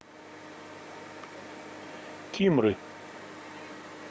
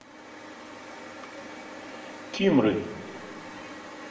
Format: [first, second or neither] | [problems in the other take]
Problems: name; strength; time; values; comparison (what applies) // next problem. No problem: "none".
first | room echo; dies away in 1.4 s